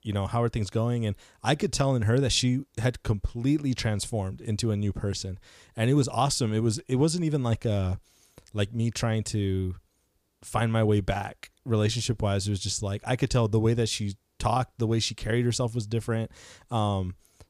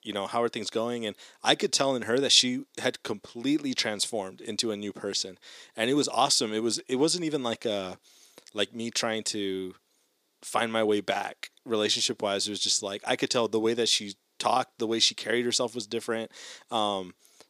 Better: first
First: none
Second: thin; somewhat; fading below 250 Hz

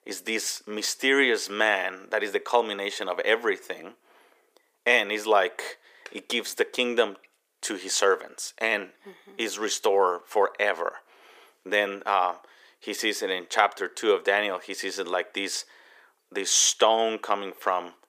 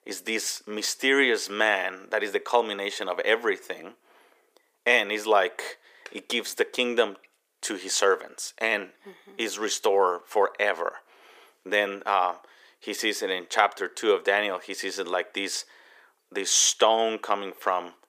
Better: neither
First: thin; very; fading below 400 Hz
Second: thin; very; fading below 400 Hz

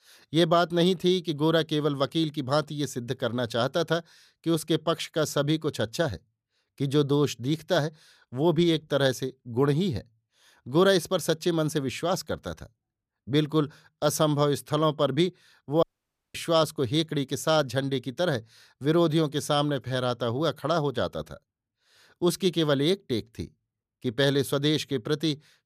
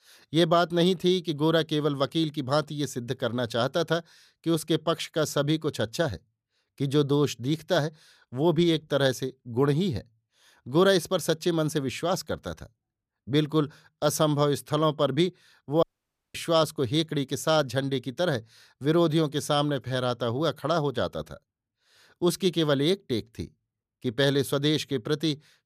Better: neither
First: audio cutting out; at 16 s for 0.5 s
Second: audio cutting out; at 16 s for 0.5 s

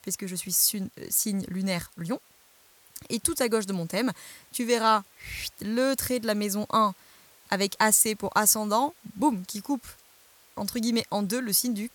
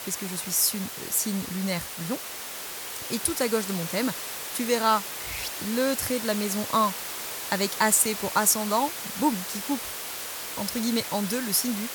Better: first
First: hiss; faint; throughout; 30 dB below the speech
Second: hiss; loud; throughout; 6 dB below the speech

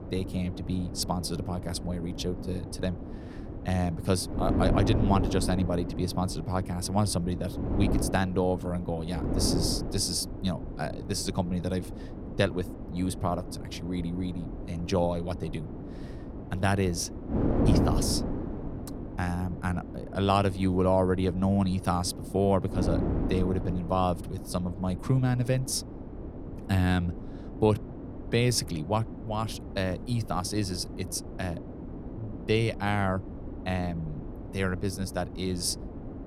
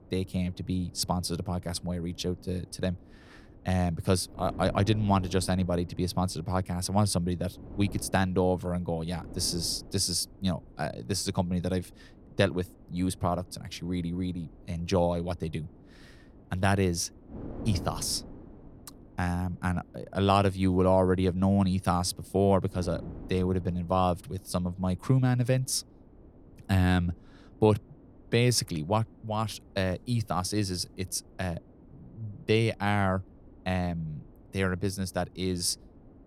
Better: second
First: wind noise on the microphone; heavy; 9 dB below the speech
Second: wind noise on the microphone; occasional gusts; 25 dB below the speech

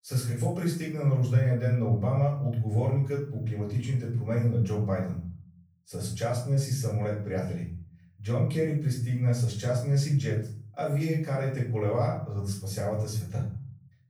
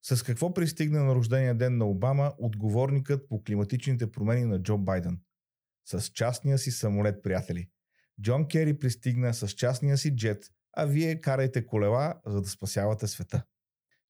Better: second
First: room echo; noticeable; dies away in 0.5 s // off-mic speech; far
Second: none

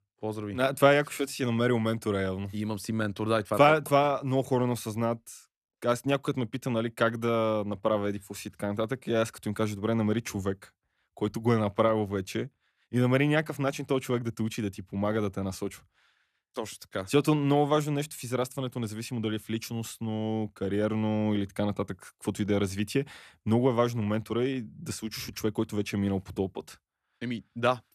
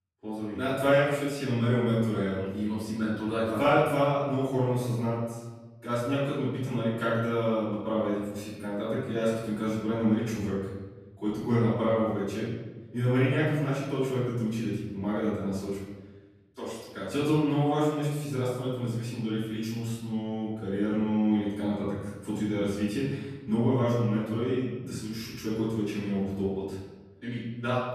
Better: first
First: none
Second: off-mic speech; far // room echo; noticeable; dies away in 1.2 s

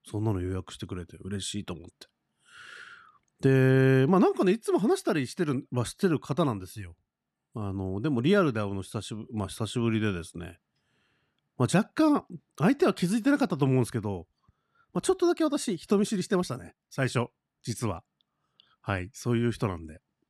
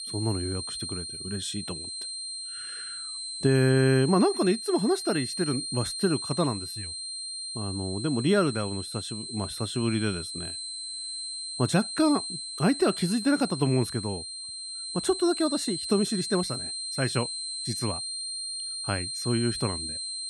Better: first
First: none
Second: high-pitched whine; loud; throughout; 4 kHz, 5 dB below the speech

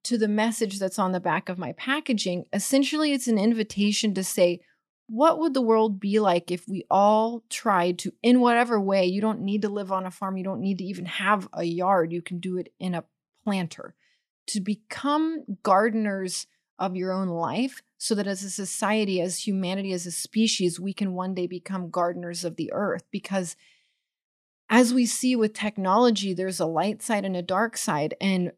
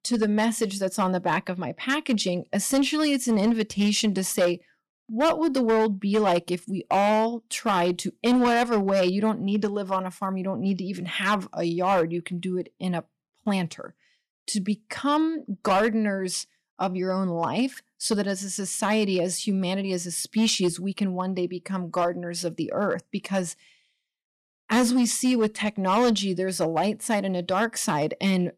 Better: first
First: none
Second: distortion; slight; 5% of the sound clipped

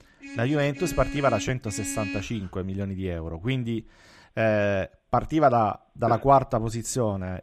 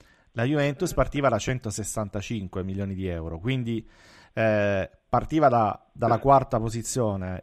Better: second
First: traffic noise; noticeable; until 2.5 s; 10 dB below the speech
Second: none

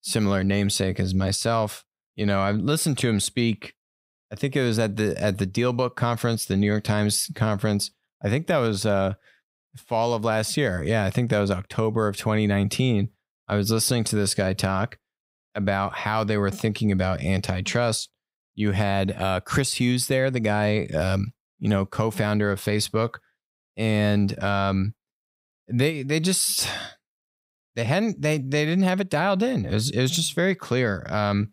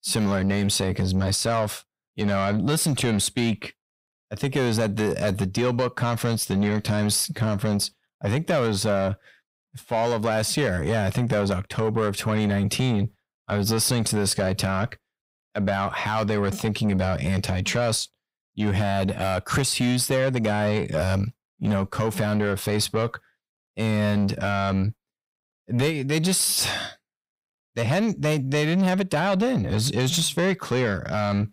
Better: first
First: none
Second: distortion; slight; 10 dB below the speech

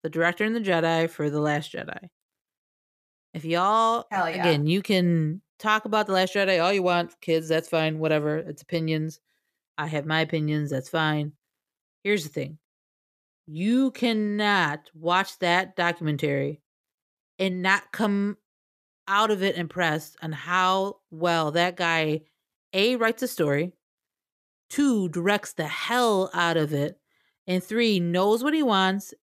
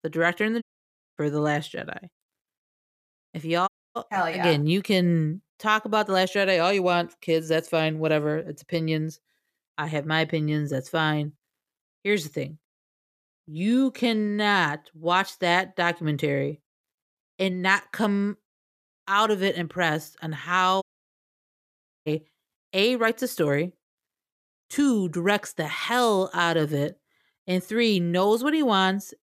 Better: first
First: none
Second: audio cutting out; at 0.5 s for 0.5 s, at 3.5 s and at 21 s for 1 s

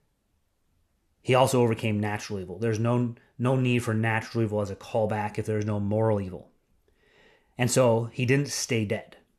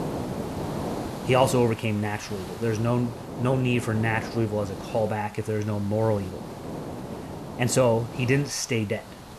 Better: first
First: none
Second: hiss; noticeable; throughout; 10 dB below the speech

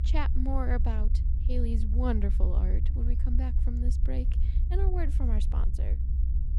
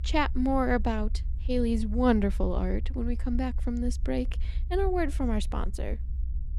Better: second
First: low rumble; loud; throughout; 8 dB below the speech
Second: low rumble; faint; throughout; 20 dB below the speech

